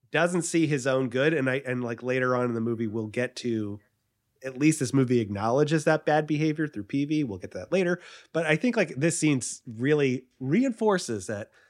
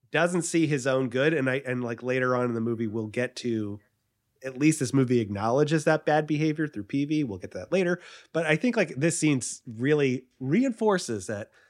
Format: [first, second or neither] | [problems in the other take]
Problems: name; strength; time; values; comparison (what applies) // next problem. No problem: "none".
neither | none